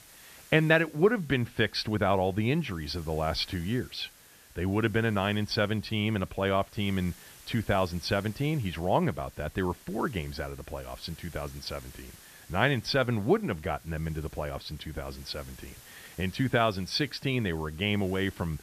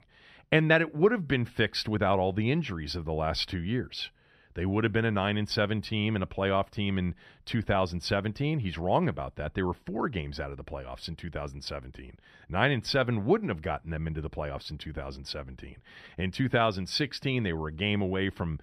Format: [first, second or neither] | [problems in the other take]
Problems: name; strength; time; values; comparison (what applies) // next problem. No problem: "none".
second | hiss; faint; throughout; 20 dB below the speech